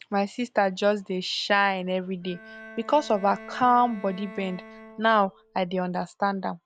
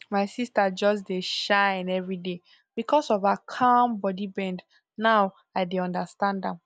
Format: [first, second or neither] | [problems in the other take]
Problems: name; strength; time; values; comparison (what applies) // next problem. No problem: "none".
second | background sound (Bowed string instrument); 19 dB below the speech